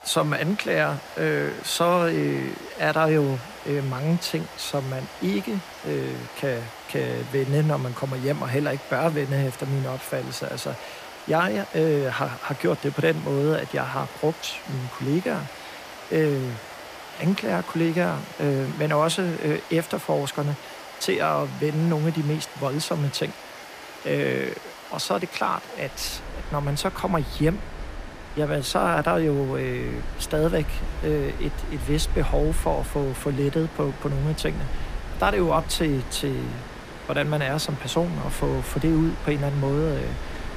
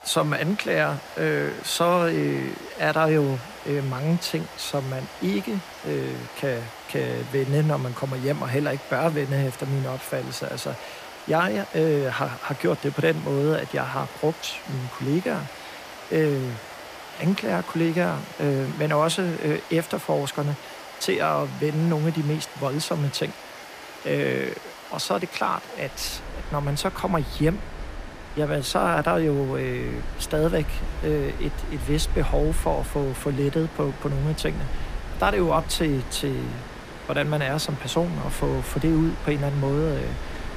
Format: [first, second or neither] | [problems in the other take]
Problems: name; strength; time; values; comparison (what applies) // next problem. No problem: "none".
neither | rain or running water; noticeable; throughout; 10 dB below the speech; the same in both